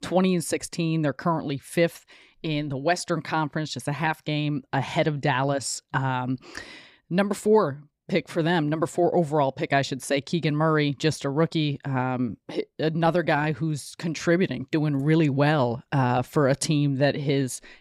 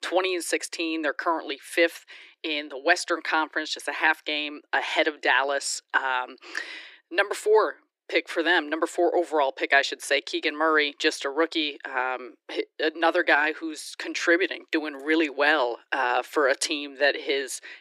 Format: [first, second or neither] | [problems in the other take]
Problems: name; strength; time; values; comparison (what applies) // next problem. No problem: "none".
first | thin; very; fading below 300 Hz